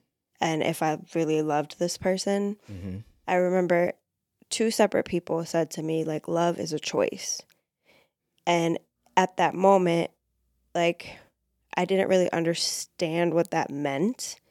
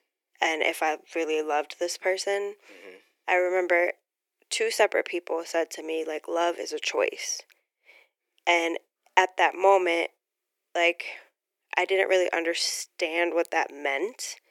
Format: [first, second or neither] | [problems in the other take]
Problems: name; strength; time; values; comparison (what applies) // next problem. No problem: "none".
first | thin; very; fading below 350 Hz